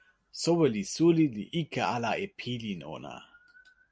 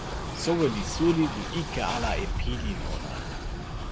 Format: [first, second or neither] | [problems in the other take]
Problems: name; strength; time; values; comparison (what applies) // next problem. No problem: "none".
first | background sound (Train); 2 dB below the speech